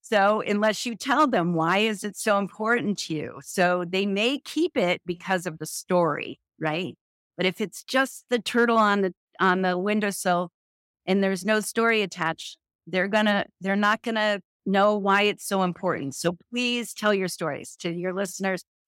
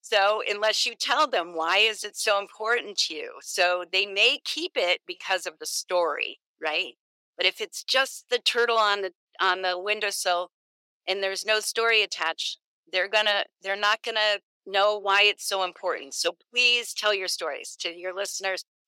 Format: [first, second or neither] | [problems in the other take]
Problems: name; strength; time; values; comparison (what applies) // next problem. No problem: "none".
first | thin; very; fading below 450 Hz